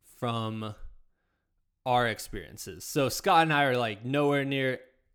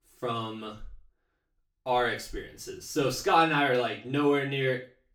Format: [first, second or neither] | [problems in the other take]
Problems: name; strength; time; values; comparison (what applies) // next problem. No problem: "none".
first | room echo; slight; dies away in 0.3 s // off-mic speech; far